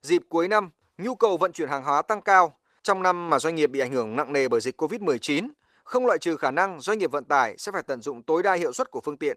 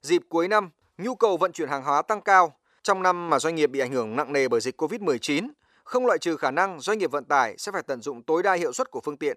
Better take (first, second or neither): second